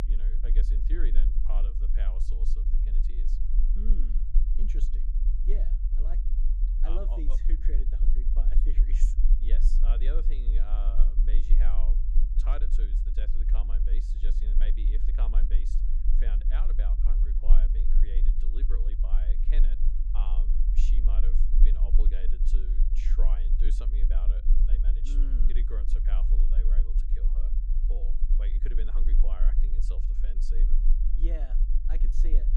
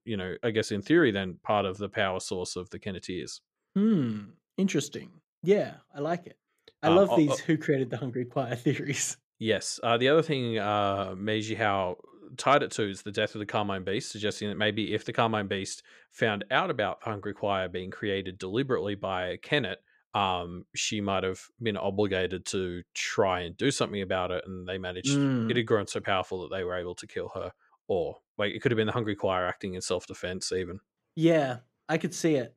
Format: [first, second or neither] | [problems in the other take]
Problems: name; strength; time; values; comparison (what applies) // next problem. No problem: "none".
second | low rumble; loud; throughout; 5 dB below the speech